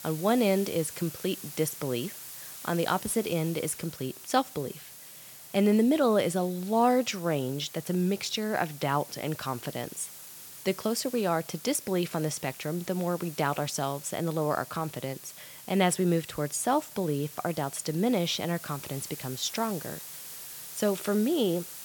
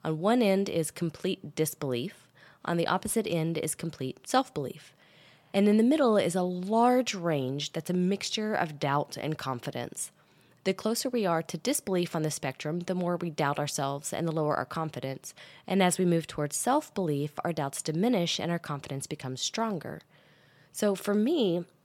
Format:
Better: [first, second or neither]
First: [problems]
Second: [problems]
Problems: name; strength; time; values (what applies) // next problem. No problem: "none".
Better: second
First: hiss; noticeable; throughout; 15 dB below the speech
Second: none